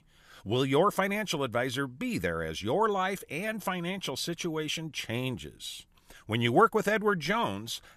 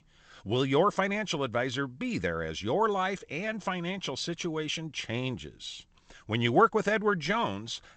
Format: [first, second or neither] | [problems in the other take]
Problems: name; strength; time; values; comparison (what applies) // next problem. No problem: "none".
first | garbled, watery; slightly; nothing above 8 kHz